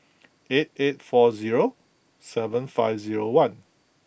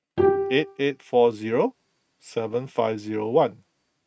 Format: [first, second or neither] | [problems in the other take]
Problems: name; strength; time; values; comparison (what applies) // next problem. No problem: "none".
first | noise reduction (neural mask model RNNoise)